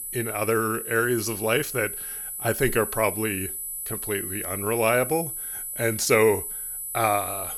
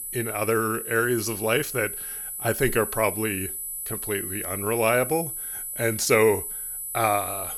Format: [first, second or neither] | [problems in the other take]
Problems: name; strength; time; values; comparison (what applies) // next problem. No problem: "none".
neither | high-pitched whine; loud; throughout; 10 kHz, 5 dB below the speech; the same in both